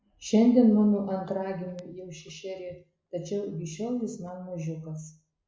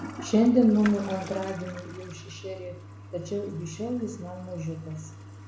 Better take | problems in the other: first | background sound (Toilet flush); 14 dB below the speech

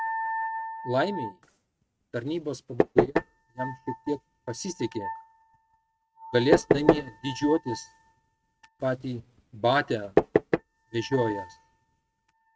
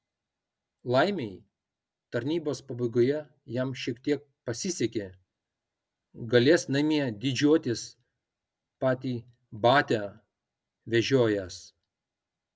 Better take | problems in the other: second | noise reduction (neural mask model RNNoise)

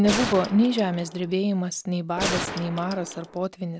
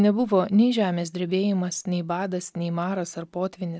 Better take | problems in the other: second | background sound (Gunshot, gunfire); 7 dB below the speech

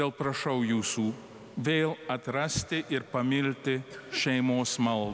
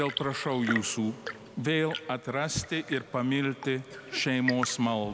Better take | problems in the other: first | background sound (Tap / Fill (with liquid) / Trickle, dribble / Chirp, tweet / Engine); 10 dB below the speech

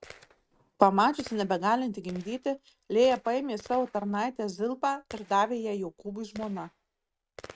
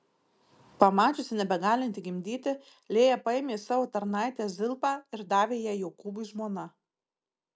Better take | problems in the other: second | noise reduction (neural mask model RNNoise)

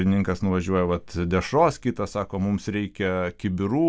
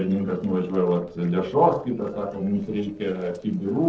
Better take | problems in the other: first | noise reduction (neural separator model SepFormer DNS4)

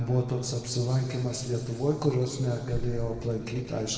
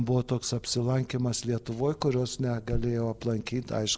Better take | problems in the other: second | room echo; dies away in 2.2 s

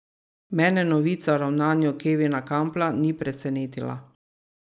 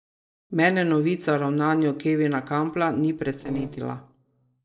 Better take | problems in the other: first | noise reduction (neural separator model SepFormer DNS4)

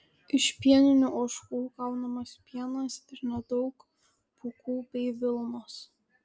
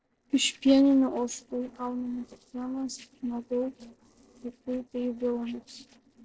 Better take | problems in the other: first | noise reduction (neural separator model SepFormer DNS4)

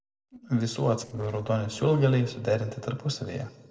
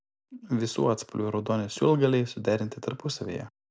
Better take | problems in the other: second | noise reduction (neural separator model SepFormer DNS4)

